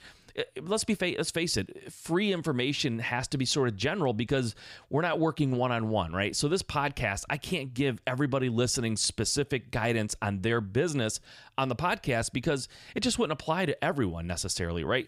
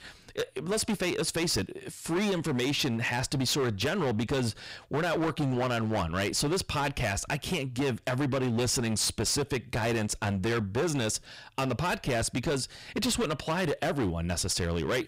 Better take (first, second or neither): first